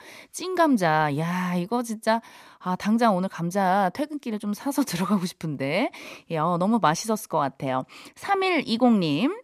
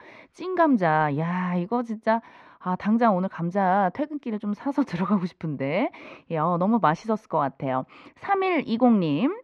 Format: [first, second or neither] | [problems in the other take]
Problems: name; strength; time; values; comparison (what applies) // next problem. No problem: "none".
first | muffled; slightly; fading above 2 kHz